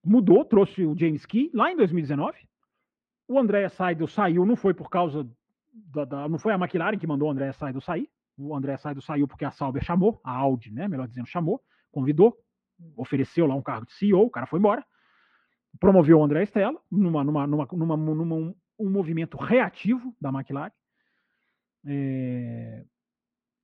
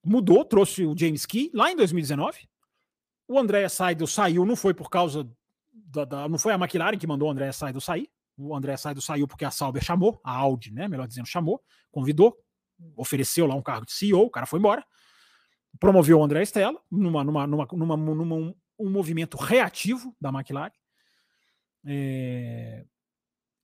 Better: second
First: muffled; very; fading above 2.5 kHz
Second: none

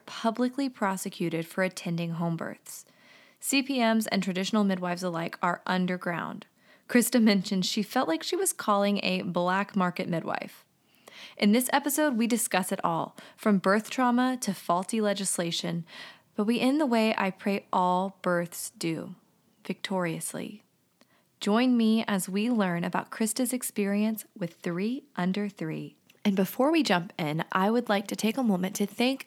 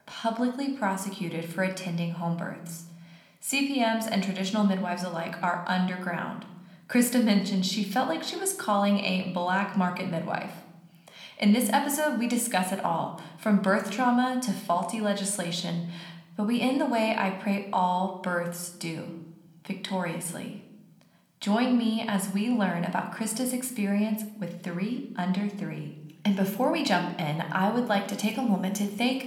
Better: first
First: none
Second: room echo; slight; dies away in 0.7 s

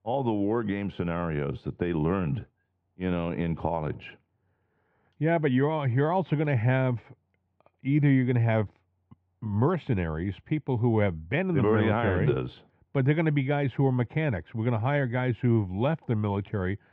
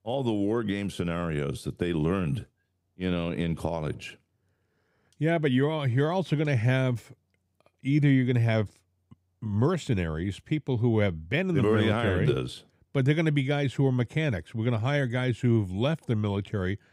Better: second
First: muffled; very; fading above 2.5 kHz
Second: none

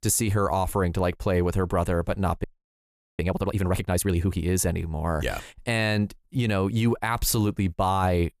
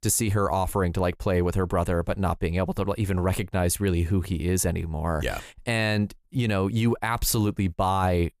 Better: second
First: audio freezing; at 2.5 s for 1 s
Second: none

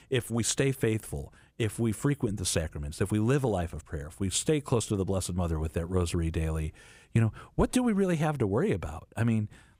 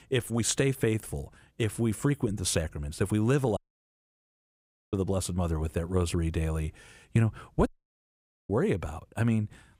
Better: first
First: none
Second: audio cutting out; at 3.5 s for 1.5 s and at 7.5 s for 1 s

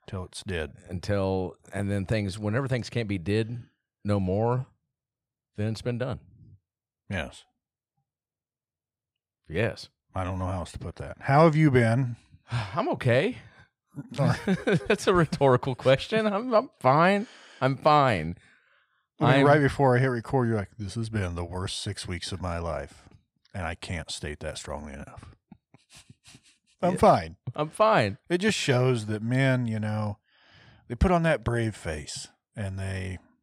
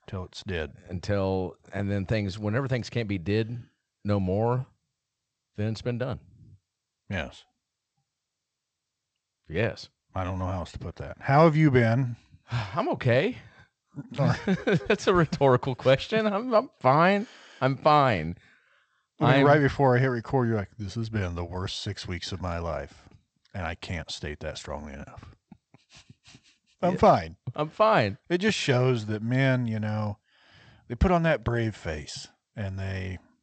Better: first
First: none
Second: garbled, watery; slightly; nothing above 8 kHz

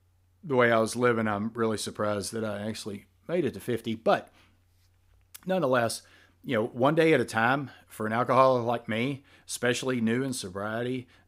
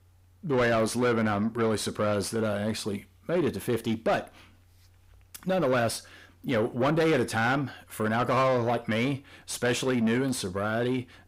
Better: first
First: none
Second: distortion; heavy; 8 dB below the speech

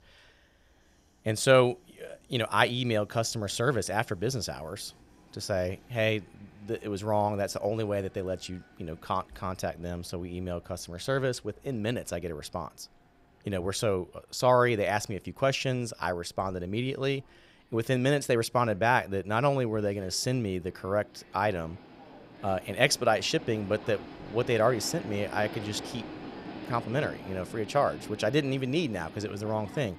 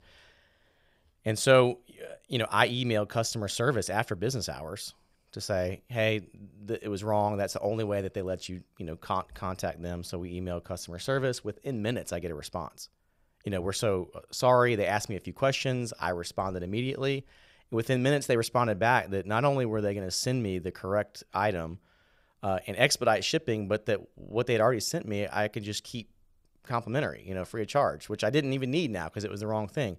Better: second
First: train or aircraft noise; noticeable; throughout; 15 dB below the speech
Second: none

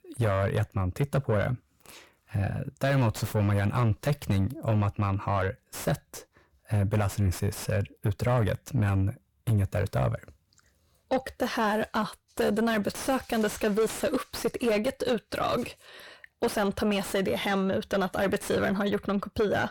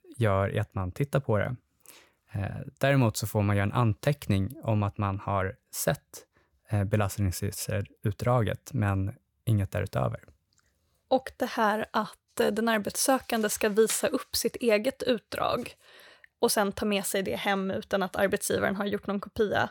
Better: second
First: distortion; heavy; 7 dB below the speech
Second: none

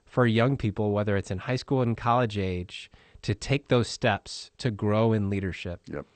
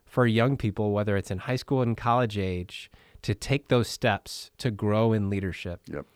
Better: second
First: garbled, watery; slightly; nothing above 8.5 kHz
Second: none

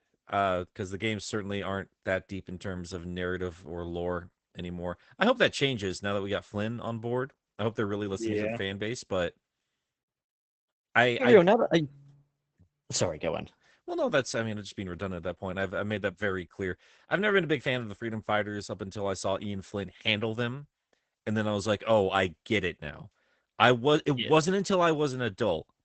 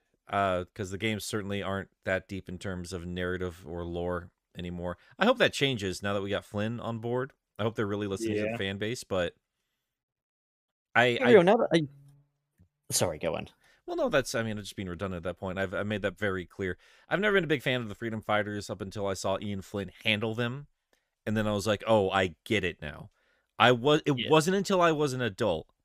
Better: second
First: garbled, watery; badly; nothing above 8 kHz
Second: none

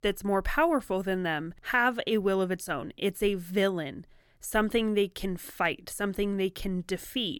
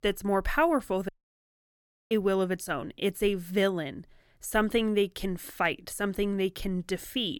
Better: first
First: none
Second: audio cutting out; at 1 s for 1 s

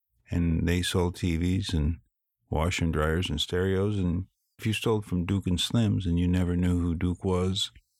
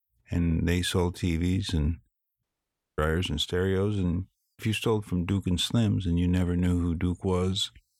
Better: first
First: none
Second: audio cutting out; at 2.5 s for 0.5 s

